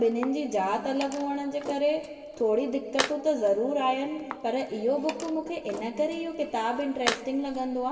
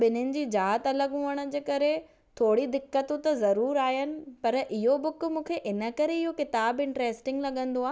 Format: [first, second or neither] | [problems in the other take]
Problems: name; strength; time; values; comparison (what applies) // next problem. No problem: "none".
second | background sound (Tools); 11 dB below the speech // room echo; dies away in 2.8 s